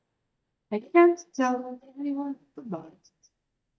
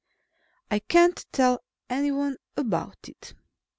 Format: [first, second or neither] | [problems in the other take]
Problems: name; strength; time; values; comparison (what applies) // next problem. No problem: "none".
second | noise reduction (neural mask model DeepFilterNet 3)